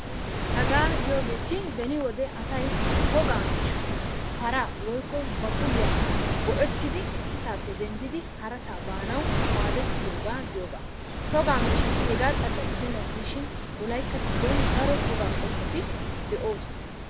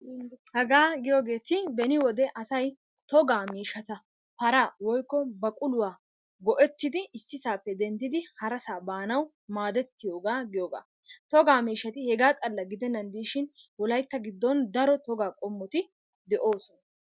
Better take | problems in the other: second | background sound (Waves, surf); 4 dB above the speech

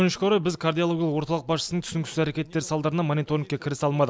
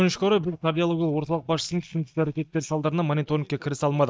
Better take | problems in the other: first | noise reduction (neural mask model DeepFilterNet 3)

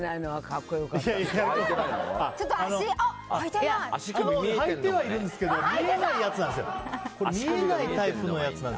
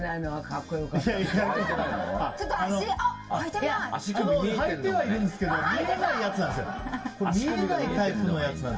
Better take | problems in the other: first | room echo; dies away in 0.2 s

